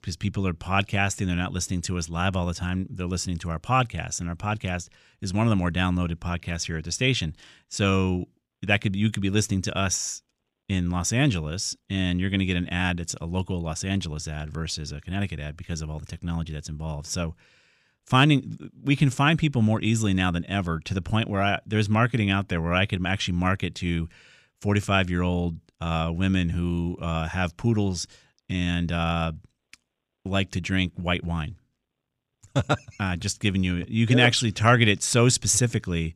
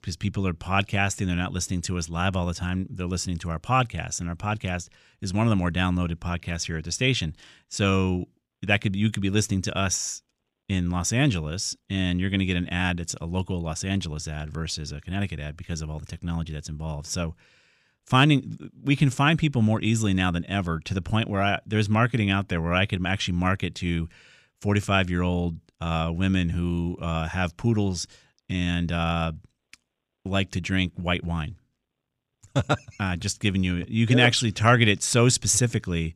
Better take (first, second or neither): neither